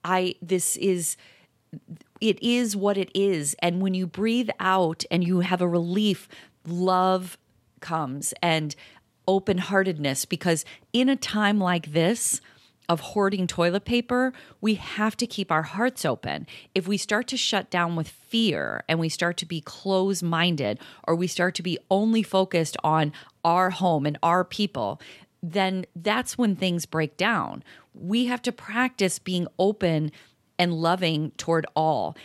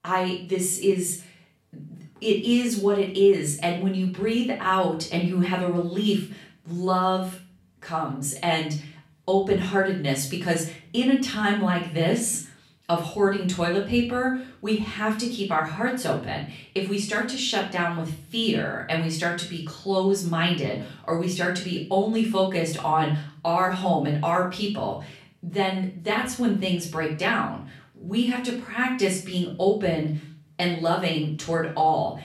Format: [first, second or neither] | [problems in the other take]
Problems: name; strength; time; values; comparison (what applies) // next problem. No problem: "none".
first | room echo; slight; dies away in 0.4 s // off-mic speech; far